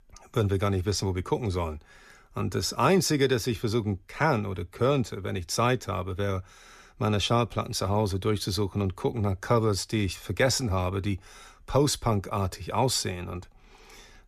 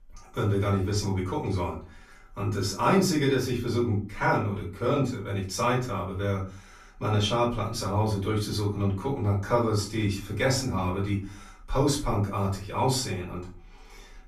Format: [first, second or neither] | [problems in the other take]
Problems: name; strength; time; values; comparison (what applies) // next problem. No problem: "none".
first | off-mic speech; far // room echo; slight; dies away in 0.3 s